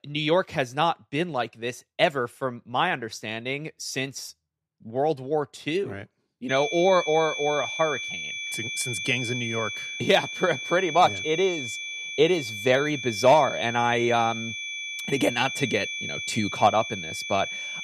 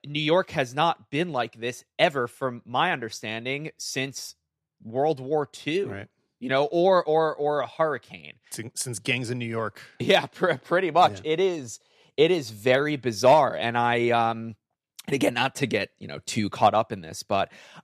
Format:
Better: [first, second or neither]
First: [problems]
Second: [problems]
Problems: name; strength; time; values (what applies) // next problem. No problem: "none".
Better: second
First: high-pitched whine; loud; from 6.5 s on; 2.5 kHz, 6 dB below the speech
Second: none